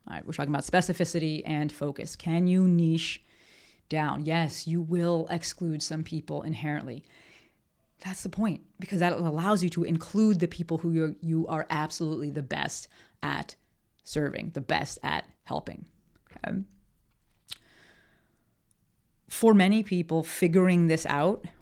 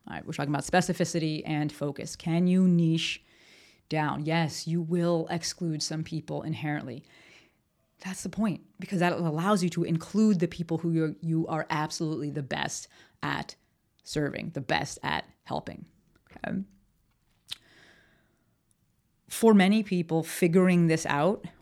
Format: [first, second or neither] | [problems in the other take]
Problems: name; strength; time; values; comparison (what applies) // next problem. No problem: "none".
second | garbled, watery; slightly